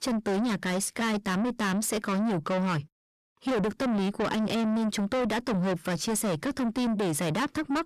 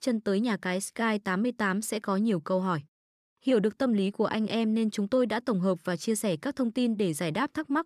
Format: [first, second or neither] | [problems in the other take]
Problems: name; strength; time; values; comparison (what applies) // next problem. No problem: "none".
second | distortion; heavy; 7 dB below the speech